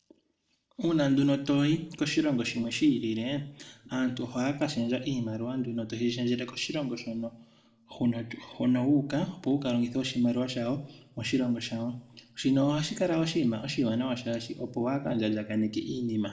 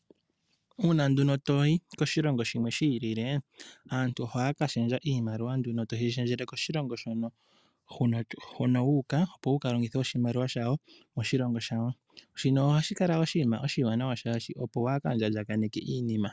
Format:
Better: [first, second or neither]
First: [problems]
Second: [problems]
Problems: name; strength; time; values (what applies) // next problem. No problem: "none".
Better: second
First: room echo; dies away in 0.6 s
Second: none